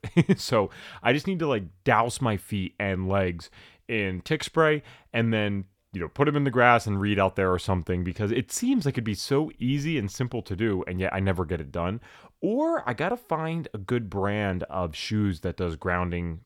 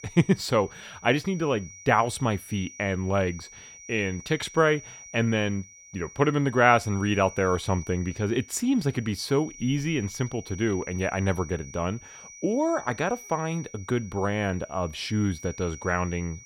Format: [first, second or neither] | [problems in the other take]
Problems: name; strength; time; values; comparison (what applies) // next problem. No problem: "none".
first | high-pitched whine; noticeable; throughout; 6 kHz, 15 dB below the speech